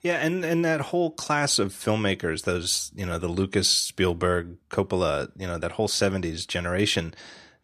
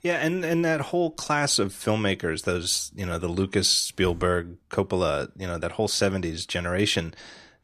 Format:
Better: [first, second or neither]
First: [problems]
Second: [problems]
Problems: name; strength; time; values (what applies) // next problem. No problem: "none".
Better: first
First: none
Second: hiss; very faint; throughout; 25 dB below the speech